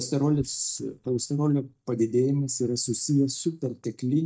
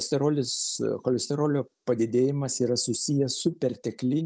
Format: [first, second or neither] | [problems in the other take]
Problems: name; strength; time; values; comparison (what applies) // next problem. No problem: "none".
second | noise reduction (neural mask model DeepFilterNet 3)